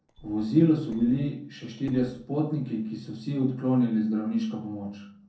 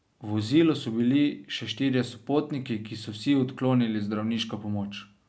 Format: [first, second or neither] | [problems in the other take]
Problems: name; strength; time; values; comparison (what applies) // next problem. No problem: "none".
second | noise reduction (neural separator model SepFormer DNS4)